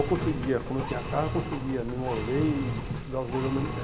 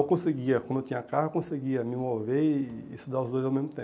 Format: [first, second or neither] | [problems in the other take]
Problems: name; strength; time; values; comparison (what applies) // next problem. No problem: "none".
second | background sound (Engine); 3 dB below the speech